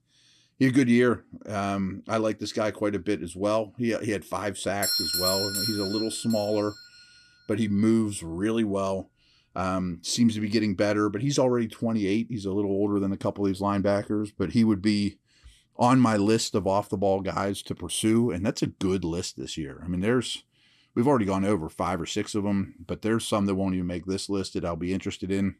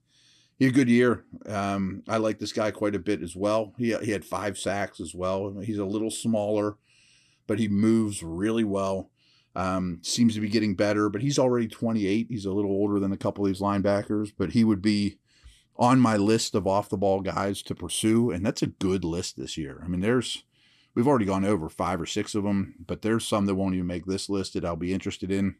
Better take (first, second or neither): second